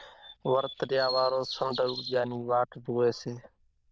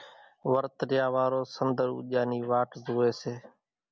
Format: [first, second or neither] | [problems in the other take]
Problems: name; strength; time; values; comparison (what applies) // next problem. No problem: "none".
second | noise reduction (neural diffusion model UNIVERSE++)